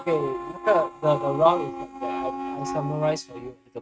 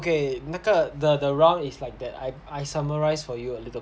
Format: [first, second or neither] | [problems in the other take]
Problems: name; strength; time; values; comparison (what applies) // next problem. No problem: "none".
second | noise reduction (neural mask model RNNoise)